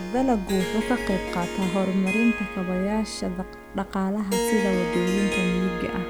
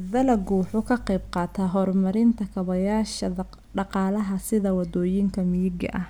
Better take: second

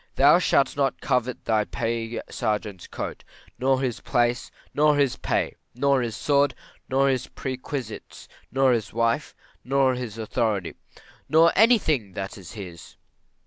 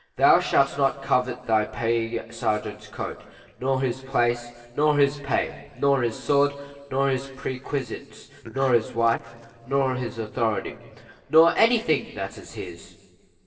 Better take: first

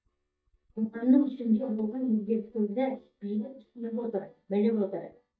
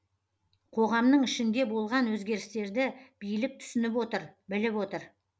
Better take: second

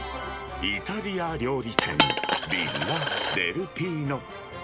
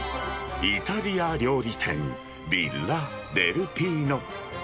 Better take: second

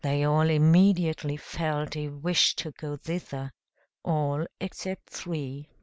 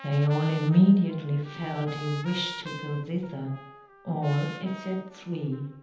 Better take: first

